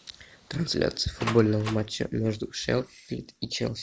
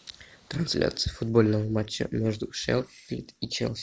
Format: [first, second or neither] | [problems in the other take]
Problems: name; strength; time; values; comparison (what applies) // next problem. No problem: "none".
second | background sound (Door); 12 dB below the speech